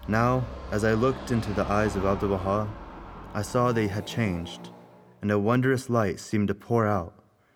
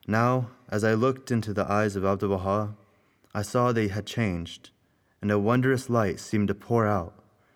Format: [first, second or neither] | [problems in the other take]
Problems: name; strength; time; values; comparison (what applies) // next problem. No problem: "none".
second | traffic noise; noticeable; until 5 s; 15 dB below the speech